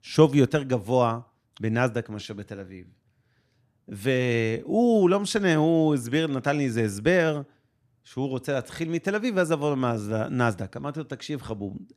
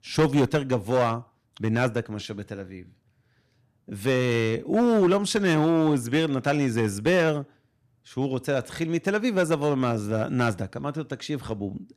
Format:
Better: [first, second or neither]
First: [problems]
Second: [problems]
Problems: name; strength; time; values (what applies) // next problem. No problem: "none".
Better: first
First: none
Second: distortion; slight; 4% of the sound clipped